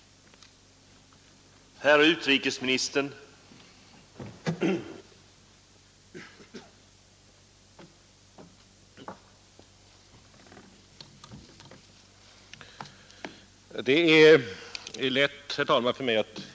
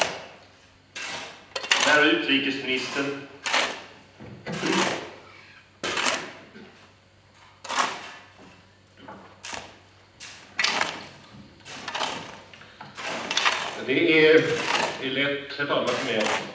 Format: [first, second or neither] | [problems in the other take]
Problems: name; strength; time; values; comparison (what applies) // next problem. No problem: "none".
first | background sound (Tools); 3 dB below the speech // room echo; dies away in 0.9 s